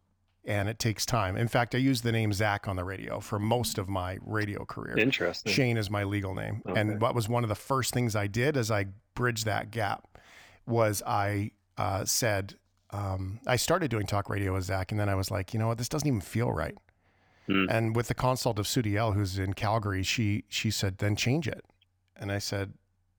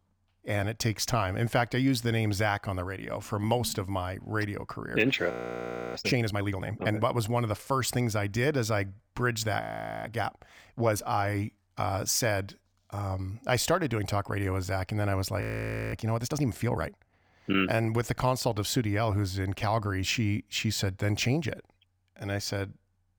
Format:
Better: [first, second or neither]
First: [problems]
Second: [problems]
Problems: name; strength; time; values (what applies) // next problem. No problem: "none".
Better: first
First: none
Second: audio freezing; at 5.5 s for 0.5 s, at 9.5 s and at 15 s for 0.5 s